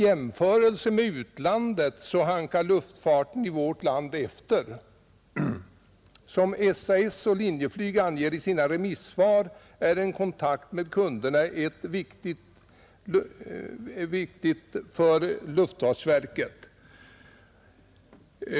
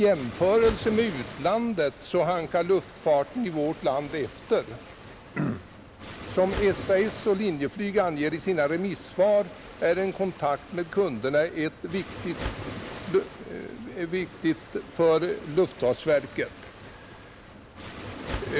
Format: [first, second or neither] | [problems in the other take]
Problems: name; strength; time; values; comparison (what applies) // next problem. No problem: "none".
first | background sound (Waves, surf); 14 dB below the speech